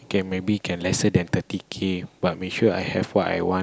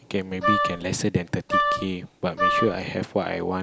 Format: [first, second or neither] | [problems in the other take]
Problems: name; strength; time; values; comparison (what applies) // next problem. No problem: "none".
first | background sound (Wind instrument, woodwind instrument); 2 dB above the speech